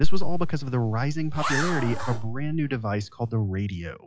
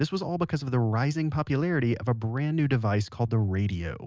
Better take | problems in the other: second | noise reduction (classical method log-MMSE)

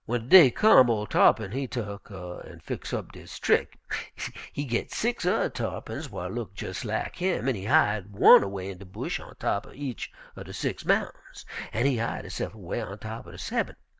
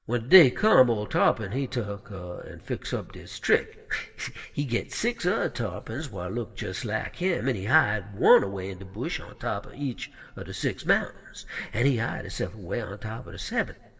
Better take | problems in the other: first | room echo; dies away in 2.4 s

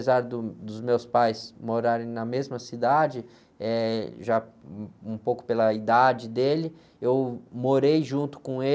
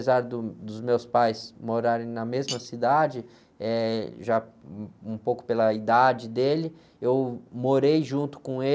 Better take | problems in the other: first | background sound (Cutlery, silverware); 18 dB below the speech

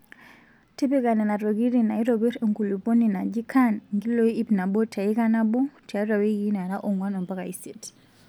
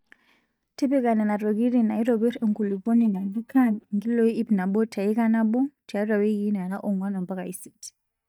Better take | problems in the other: first | noise reduction (neural mask model DeepFilterNet 3)

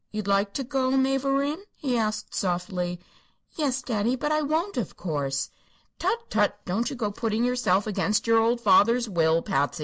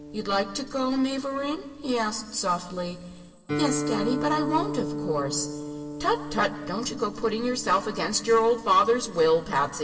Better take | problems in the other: first | background sound (Guitar); 8 dB below the speech // room echo; dies away in 2 s

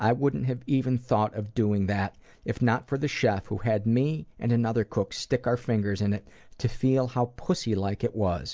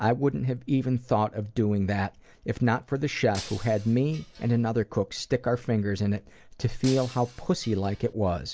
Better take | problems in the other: first | background sound (Shatter); 18 dB below the speech

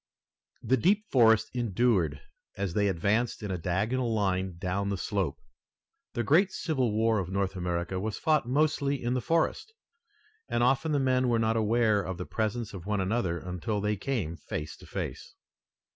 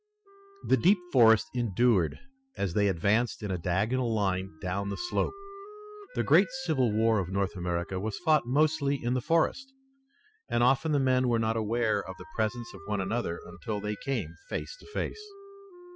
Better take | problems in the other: first | noise reduction (classical method spectral subtraction)

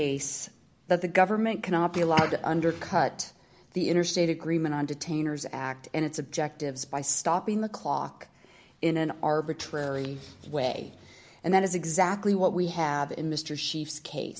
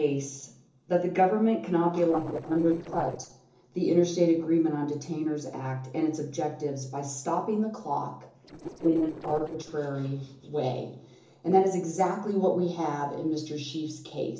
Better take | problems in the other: first | noise reduction (neural separator model SepFormer DNS4)

